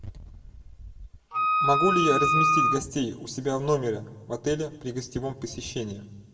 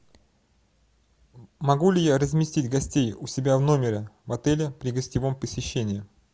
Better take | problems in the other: second | background sound (Wind instrument, woodwind instrument); 5 dB above the speech // room echo; dies away in 1.1 s

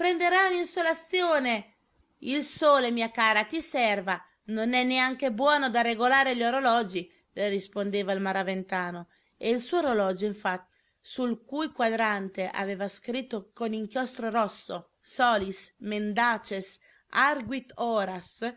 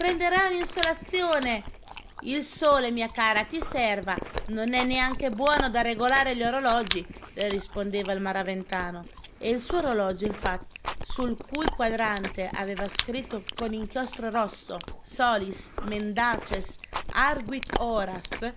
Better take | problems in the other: first | background sound (Chewing, mastication); 8 dB below the speech

